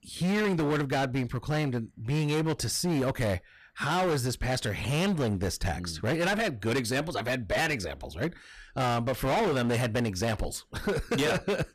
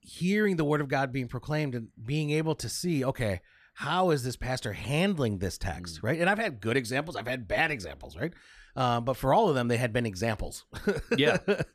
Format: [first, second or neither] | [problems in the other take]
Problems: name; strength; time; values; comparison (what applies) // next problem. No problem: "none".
second | distortion; heavy; 19% of the sound clipped